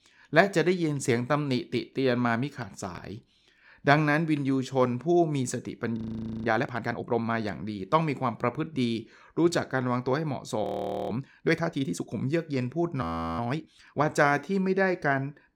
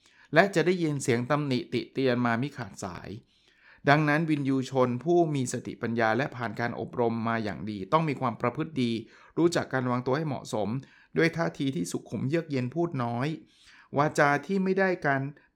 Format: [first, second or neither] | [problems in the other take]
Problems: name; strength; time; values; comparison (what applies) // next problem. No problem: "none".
second | audio freezing; at 6 s, at 11 s and at 13 s